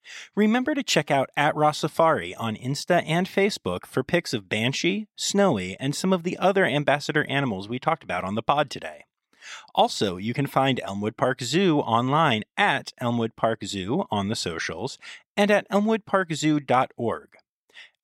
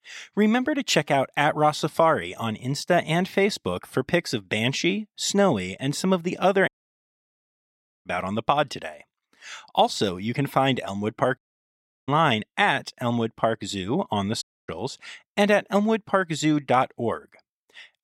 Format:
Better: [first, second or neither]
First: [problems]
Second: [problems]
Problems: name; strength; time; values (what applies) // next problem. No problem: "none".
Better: first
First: none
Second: audio cutting out; at 6.5 s for 1.5 s, at 11 s for 0.5 s and at 14 s